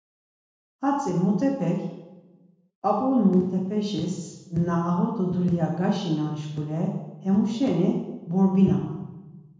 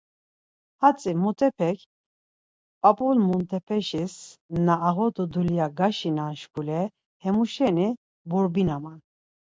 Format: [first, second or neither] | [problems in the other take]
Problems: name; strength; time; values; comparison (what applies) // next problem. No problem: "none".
second | room echo; dies away in 1 s